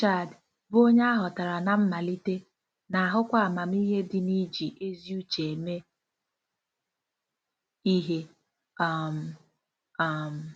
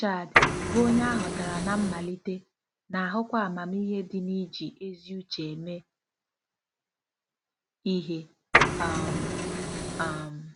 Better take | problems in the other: first | background sound (Printer); 5 dB above the speech

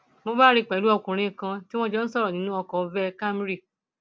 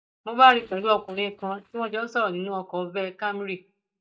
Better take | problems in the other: first | noise reduction (neural mask model DeepFilterNet 3)

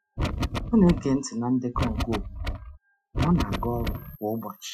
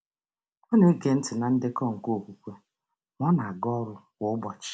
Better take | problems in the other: second | noise reduction (classical method Wiener filter)

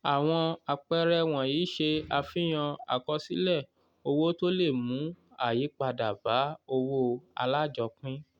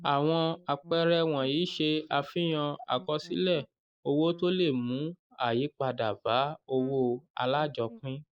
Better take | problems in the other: first | noise reduction (neural mask model Resemble Enhance denoiser)

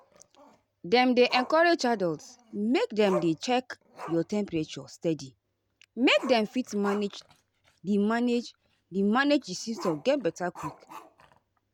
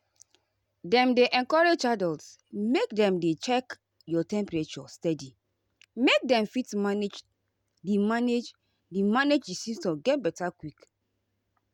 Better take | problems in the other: second | background sound (Growling); 17 dB below the speech

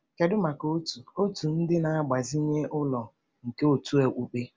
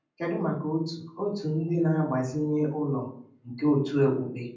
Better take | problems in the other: first | room echo; dies away in 0.6 s

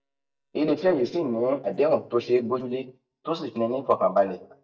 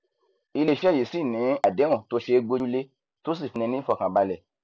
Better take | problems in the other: second | noise reduction (neural mask model DeepFilterNet 3)

